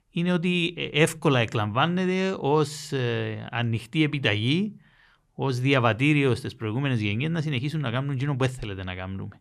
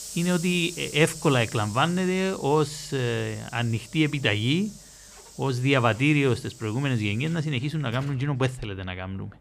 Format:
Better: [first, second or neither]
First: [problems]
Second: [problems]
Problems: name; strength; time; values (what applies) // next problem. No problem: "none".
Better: first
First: none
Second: hiss; noticeable; throughout; 15 dB below the speech